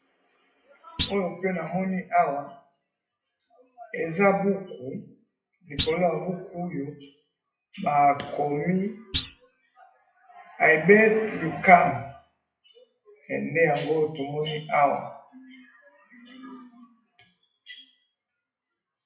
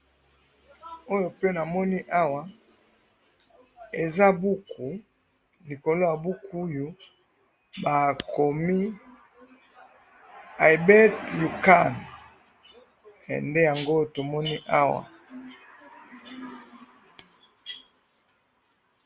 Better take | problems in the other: second | noise reduction (classical method WPE with log-MMSE)

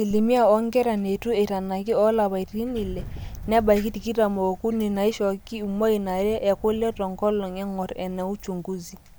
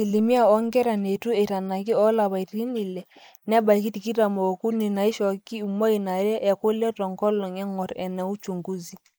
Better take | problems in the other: first | noise reduction (neural mask model Resemble Enhance denoiser)

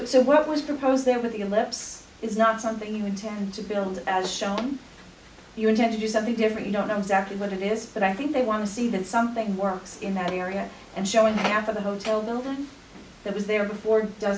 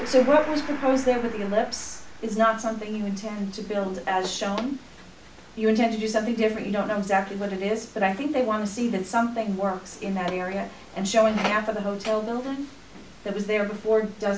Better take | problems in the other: first | background sound (Gong); 17 dB below the speech

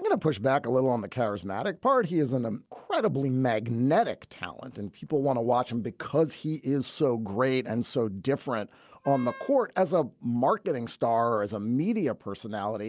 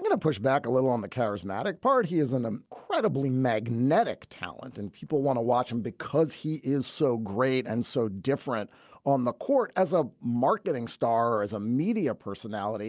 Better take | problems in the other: second | background sound (Wind instrument, woodwind instrument); 19 dB below the speech

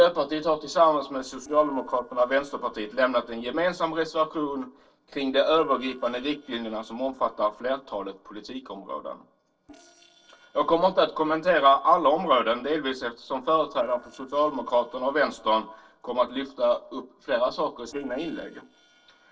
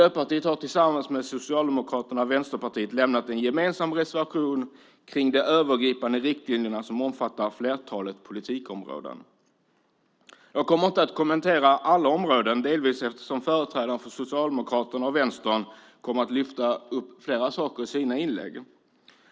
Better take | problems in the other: second | noise reduction (neural separator model SepFormer DNS4)

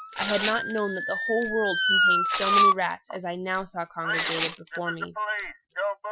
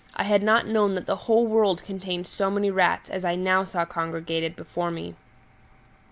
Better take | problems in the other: second | noise reduction (classical method Wiener filter)

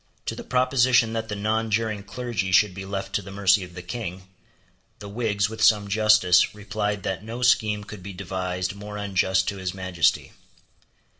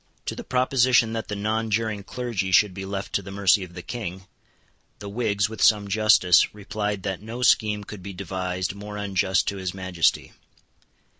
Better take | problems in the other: second | room echo; dies away in 0.4 s

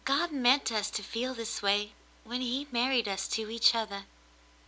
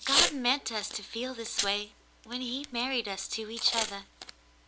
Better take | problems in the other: first | background sound (Packing tape, duct tape / Tearing); 2 dB below the speech

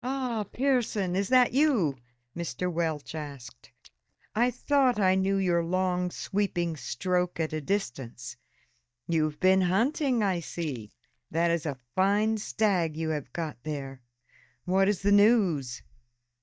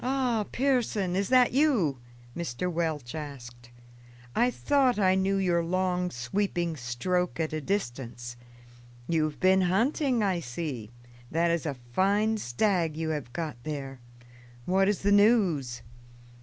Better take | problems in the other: second | noise reduction (neural mask model DeepFilterNet 3)

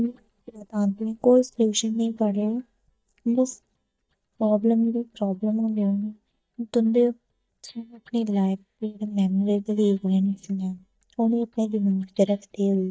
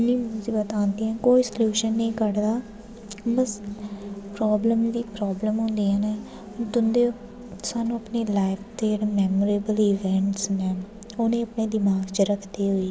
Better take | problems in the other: second | noise reduction (neural mask model DeepFilterNet 3)

